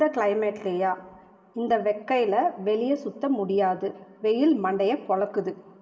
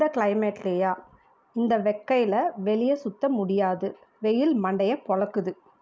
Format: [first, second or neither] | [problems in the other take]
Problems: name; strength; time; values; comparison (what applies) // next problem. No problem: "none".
second | room echo; dies away in 1.8 s